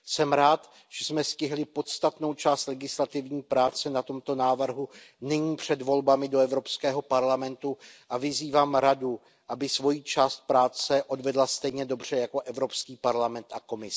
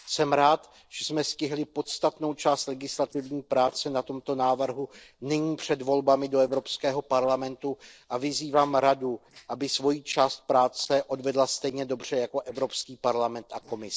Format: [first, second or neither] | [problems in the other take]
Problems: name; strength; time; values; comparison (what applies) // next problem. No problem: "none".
first | noise reduction (neural separator model SepFormer DNS4)